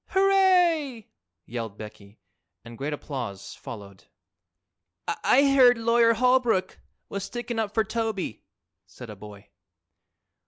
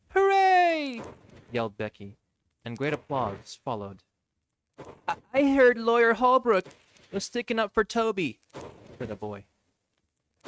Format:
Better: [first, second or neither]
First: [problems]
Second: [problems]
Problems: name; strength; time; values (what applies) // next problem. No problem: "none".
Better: first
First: none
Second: noise reduction (neural mask model RNNoise)